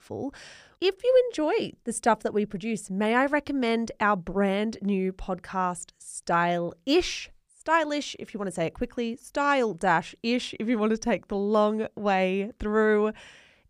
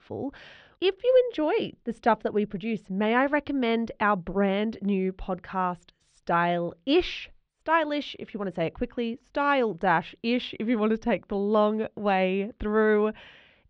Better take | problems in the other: first | muffled; slightly; fading above 3.5 kHz

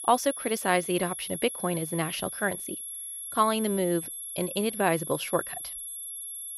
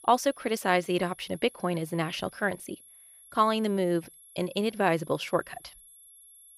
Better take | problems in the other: second | high-pitched whine; loud; throughout; 11 kHz, 7 dB below the speech; faint in the second

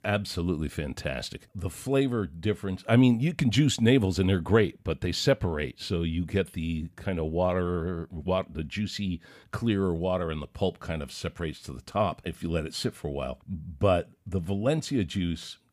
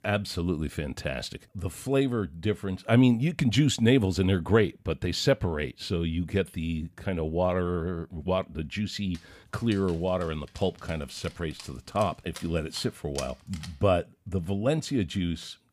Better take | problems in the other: first | dog barking; faint; from 9 to 14 s; peak 10 dB below the speech

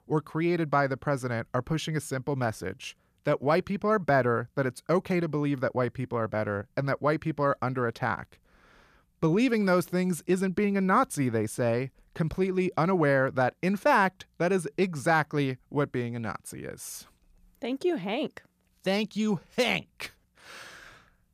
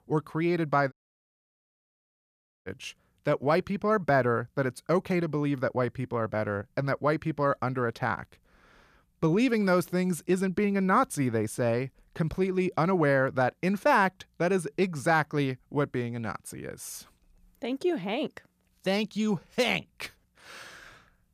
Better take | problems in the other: first | audio cutting out; at 1 s for 1.5 s

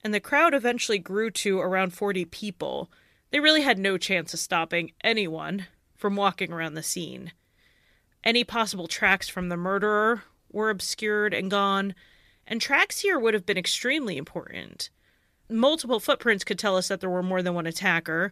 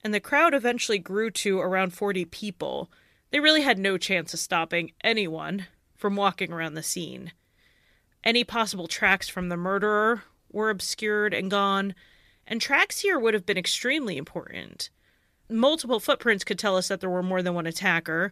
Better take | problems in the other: neither | none

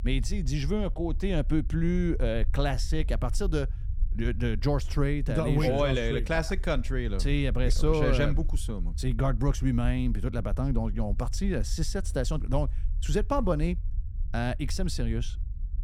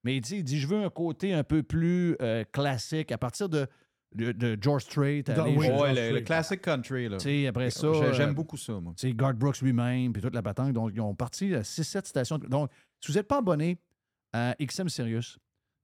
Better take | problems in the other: second | low rumble; faint; throughout; 25 dB below the speech

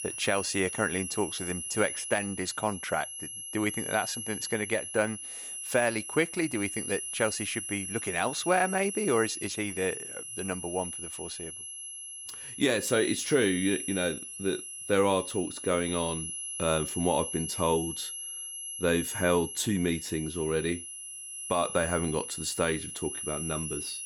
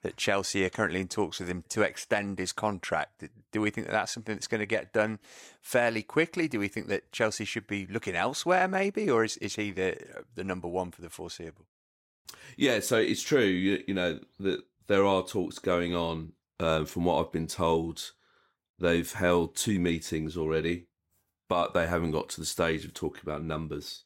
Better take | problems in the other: second | high-pitched whine; loud; throughout; 11 kHz, 6 dB below the speech

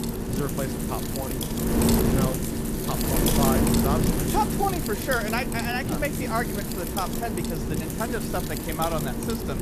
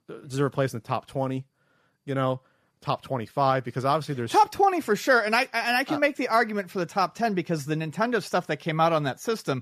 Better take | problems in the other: second | wind noise on the microphone; heavy; 1 dB below the speech

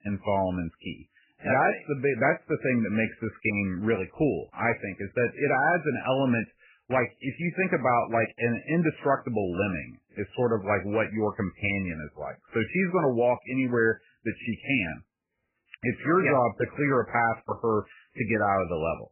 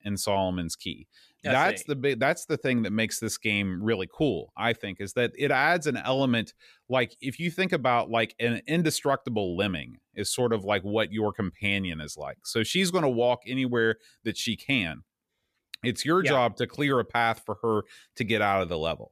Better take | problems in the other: second | garbled, watery; badly; nothing above 2.5 kHz

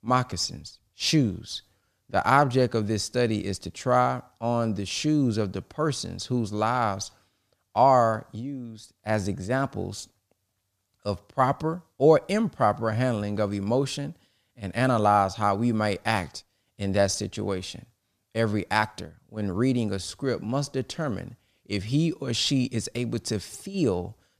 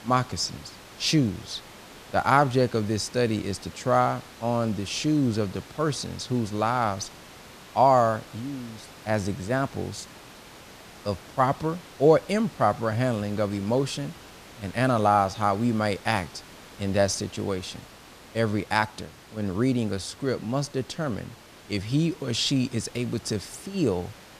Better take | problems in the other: first | hiss; noticeable; throughout; 20 dB below the speech

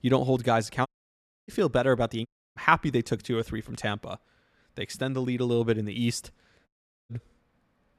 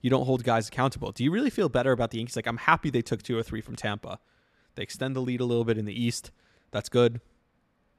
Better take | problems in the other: second | audio cutting out; at 1 s for 0.5 s, at 2.5 s and at 6.5 s

